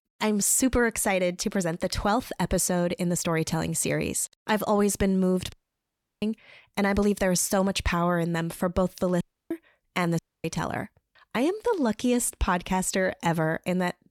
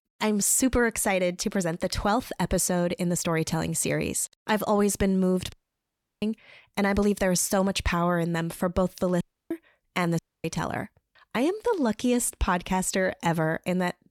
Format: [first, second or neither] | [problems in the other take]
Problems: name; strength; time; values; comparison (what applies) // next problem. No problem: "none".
neither | audio cutting out; at 5.5 s for 0.5 s, at 9 s and at 10 s; the same in both